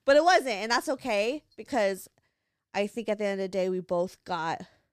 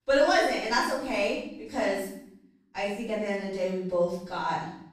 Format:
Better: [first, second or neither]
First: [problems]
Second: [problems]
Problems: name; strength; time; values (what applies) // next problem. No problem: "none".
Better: first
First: none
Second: room echo; noticeable; dies away in 0.7 s // off-mic speech; far